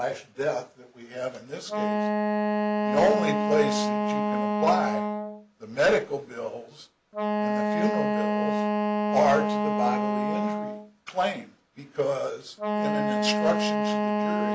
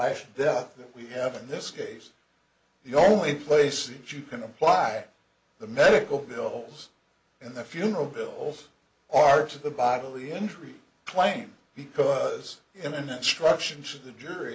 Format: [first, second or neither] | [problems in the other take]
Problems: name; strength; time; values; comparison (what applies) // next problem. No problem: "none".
second | background sound (Wind instrument, woodwind instrument); 2 dB above the speech